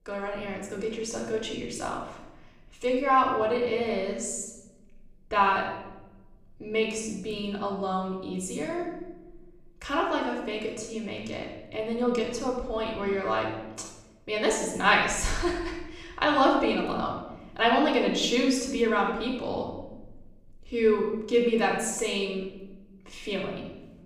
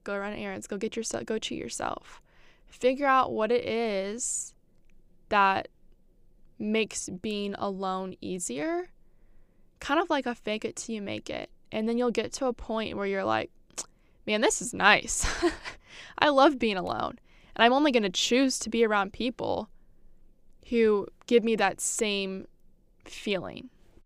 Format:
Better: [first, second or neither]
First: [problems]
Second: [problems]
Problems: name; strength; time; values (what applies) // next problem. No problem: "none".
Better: second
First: off-mic speech; far // room echo; noticeable; dies away in 1 s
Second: none